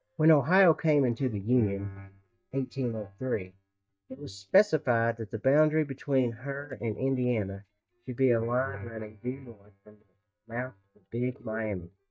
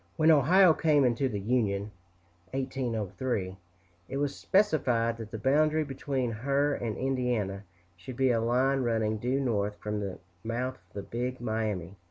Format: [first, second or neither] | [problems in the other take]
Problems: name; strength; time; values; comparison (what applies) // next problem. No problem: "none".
second | noise reduction (neural mask model DeepFilterNet 3)